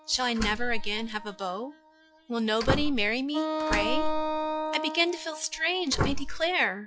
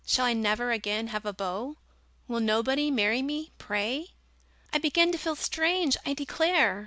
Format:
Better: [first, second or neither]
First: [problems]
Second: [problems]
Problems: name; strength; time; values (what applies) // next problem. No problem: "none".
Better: second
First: noise reduction (classical method log-MMSE)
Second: none